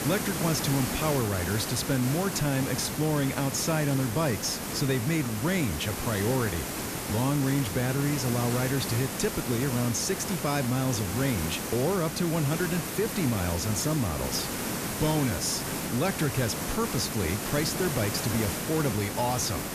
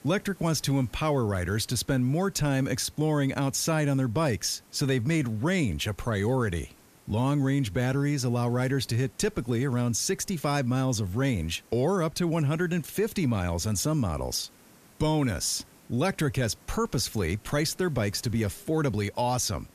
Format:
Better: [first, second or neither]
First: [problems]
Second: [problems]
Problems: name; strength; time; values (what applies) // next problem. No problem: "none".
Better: second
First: hiss; loud; throughout; 4 dB below the speech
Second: hiss; faint; throughout; 30 dB below the speech